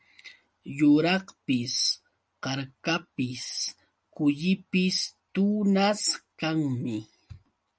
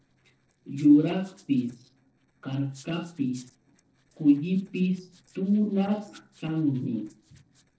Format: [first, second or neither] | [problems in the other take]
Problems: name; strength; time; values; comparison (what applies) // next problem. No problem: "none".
first | noise reduction (neural separator model SepFormer DNS4)